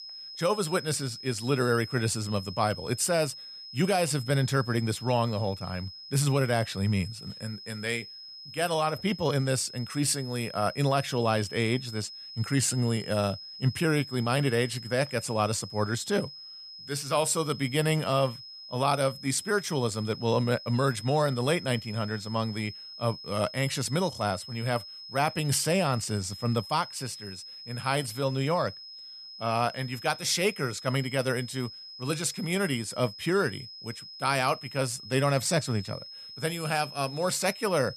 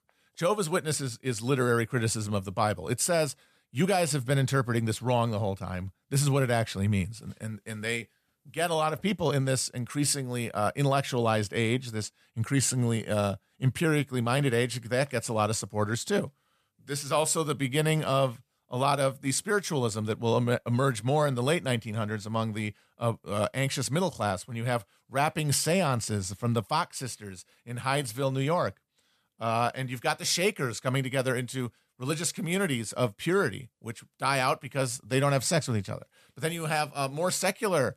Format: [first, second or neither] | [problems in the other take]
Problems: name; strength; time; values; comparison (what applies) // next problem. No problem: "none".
second | high-pitched whine; noticeable; throughout; 5 kHz, 15 dB below the speech